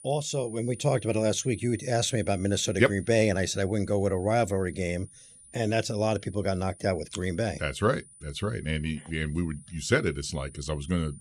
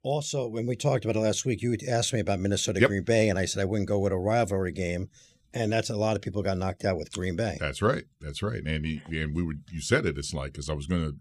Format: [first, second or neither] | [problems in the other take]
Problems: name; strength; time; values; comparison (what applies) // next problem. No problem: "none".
second | high-pitched whine; faint; throughout; 9.5 kHz, 20 dB below the speech